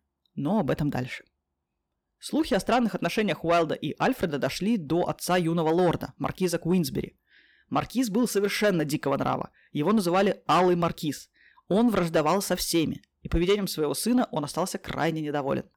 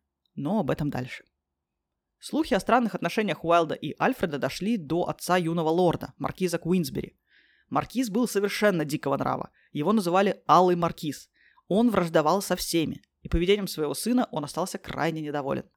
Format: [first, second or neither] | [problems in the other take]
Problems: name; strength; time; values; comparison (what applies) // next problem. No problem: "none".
second | distortion; slight; 10 dB below the speech